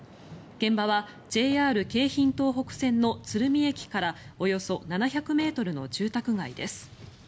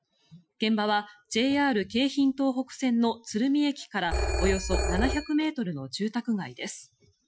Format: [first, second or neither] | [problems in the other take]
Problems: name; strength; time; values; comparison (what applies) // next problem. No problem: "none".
first | noise reduction (classical method Wiener filter)